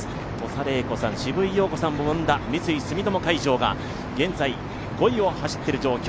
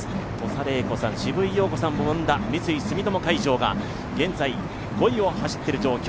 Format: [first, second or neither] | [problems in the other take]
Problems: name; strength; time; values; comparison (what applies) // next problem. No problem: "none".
first | background sound (Wild animals); 8 dB below the speech